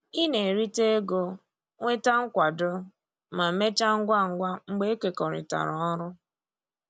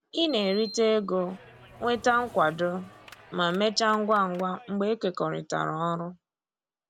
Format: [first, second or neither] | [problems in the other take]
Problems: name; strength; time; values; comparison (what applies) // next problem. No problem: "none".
first | background sound (Sliding door + Clapping); 20 dB below the speech